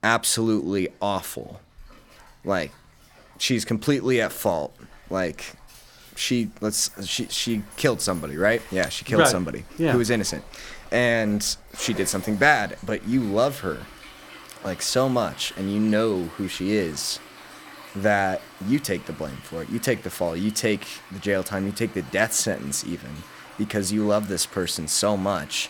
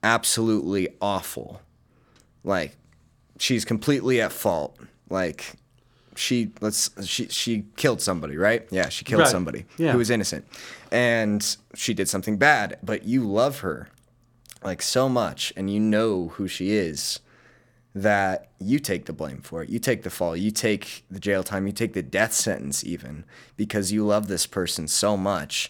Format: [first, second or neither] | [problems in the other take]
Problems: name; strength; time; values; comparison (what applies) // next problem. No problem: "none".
second | rain or running water; noticeable; throughout; 20 dB below the speech